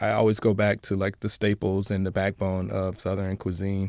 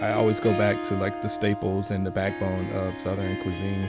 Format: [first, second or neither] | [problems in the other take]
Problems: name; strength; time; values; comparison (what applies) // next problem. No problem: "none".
first | background sound (Harp); 6 dB below the speech